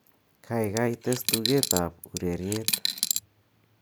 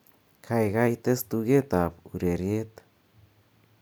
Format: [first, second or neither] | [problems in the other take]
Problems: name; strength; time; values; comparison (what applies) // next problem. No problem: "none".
second | background sound (Coin (dropping)); as loud as the speech